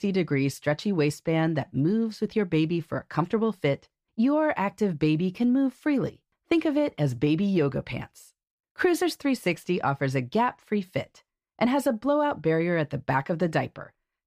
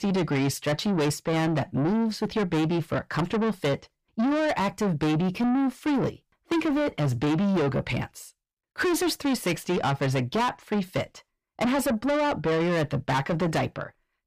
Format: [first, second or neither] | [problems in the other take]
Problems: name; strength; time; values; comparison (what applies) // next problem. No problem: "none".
first | distortion; heavy; 7 dB below the speech